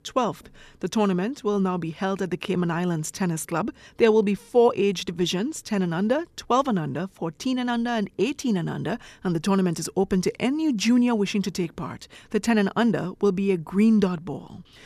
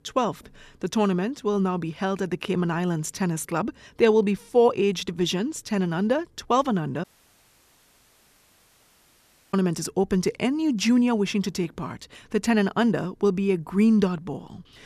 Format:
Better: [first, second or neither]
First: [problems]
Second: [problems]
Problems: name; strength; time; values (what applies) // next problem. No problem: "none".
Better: first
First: none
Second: audio cutting out; at 7 s for 2.5 s